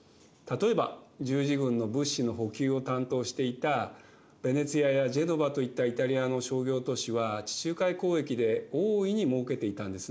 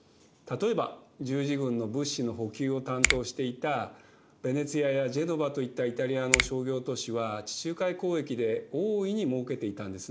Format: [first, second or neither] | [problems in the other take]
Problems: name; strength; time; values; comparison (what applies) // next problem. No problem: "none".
first | background sound (Finger snapping); 3 dB below the speech